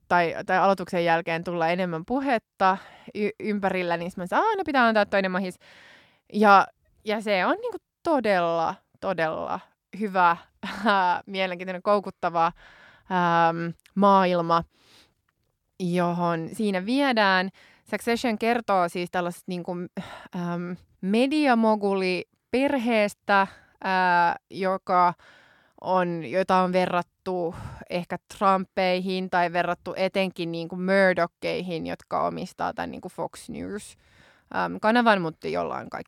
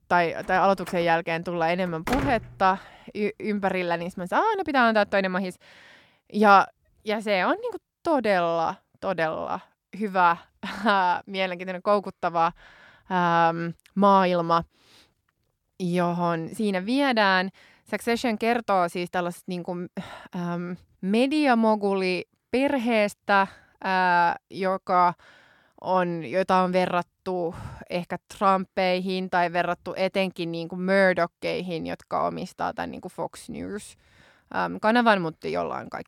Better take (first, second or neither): first